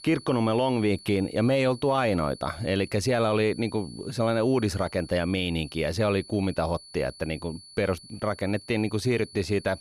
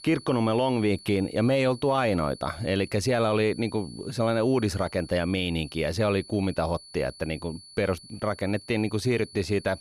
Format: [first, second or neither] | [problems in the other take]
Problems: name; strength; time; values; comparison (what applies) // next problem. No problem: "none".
neither | high-pitched whine; noticeable; throughout; 4.5 kHz, 20 dB below the speech; the same in both